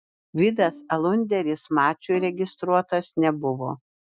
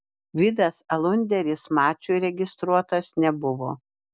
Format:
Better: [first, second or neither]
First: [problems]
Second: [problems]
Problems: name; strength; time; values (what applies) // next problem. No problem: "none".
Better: second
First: noise reduction (classical method Wiener filter)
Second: none